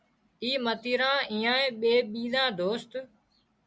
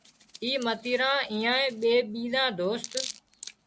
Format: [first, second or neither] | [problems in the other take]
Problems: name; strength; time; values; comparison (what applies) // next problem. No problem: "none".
first | background sound (Hands); 16 dB below the speech